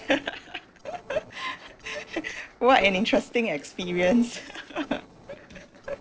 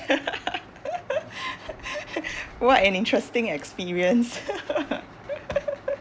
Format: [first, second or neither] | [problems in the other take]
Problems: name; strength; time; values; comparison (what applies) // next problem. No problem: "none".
second | noise reduction (neural separator model SepFormer DNS4)